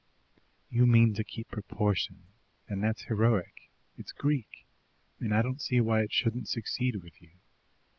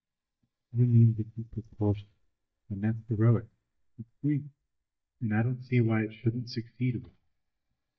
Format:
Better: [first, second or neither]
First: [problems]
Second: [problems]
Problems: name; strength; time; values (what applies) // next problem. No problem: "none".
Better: first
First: none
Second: noise reduction (neural mask model DeepFilterNet 3)